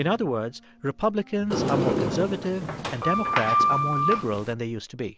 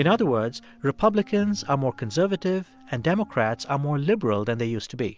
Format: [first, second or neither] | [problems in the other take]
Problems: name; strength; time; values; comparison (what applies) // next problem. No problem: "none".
second | background sound (Sliding door); 2 dB above the speech